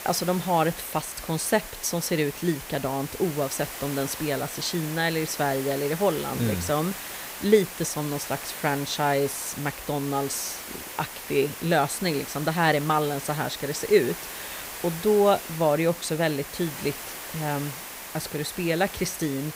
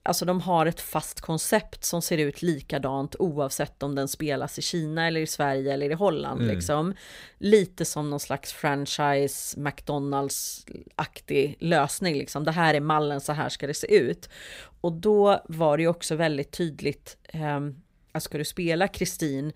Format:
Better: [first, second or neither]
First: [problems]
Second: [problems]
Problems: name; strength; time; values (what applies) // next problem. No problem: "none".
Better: second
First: hiss; loud; throughout; 9 dB below the speech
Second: none